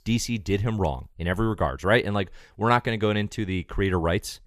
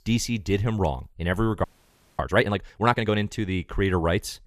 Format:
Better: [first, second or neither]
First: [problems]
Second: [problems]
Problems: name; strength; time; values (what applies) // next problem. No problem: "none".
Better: first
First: none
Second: audio freezing; at 1.5 s for 0.5 s